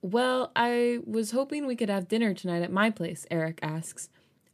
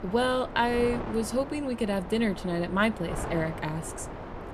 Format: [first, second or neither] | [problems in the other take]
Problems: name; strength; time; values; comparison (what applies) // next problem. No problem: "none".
first | wind noise on the microphone; occasional gusts; 10 dB below the speech